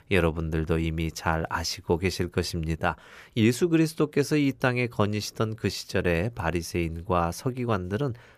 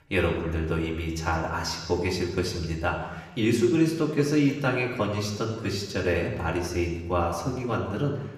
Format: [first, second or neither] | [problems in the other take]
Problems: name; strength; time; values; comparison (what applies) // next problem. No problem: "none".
first | room echo; noticeable; dies away in 1.1 s // off-mic speech; somewhat distant